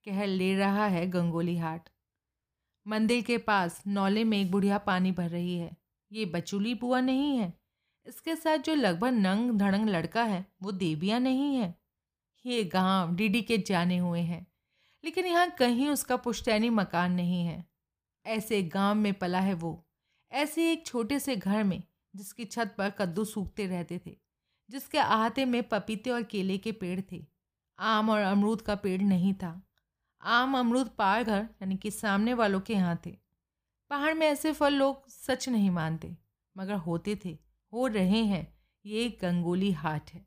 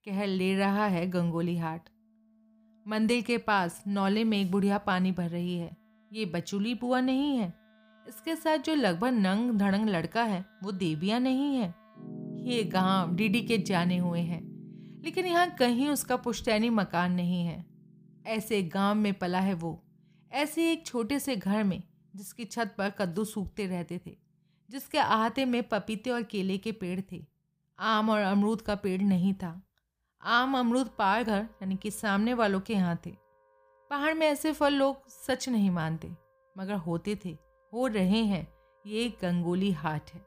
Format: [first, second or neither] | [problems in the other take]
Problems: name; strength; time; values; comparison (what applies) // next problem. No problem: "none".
first | background music; noticeable; throughout; 15 dB below the speech